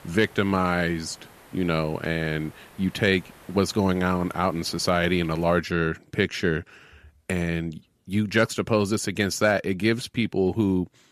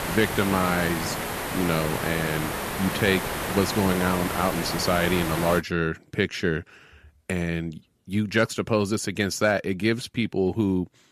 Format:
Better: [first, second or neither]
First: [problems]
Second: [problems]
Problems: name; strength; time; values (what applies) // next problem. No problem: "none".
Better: first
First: hiss; faint; until 5.5 s; 25 dB below the speech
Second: hiss; loud; until 5.5 s; 4 dB below the speech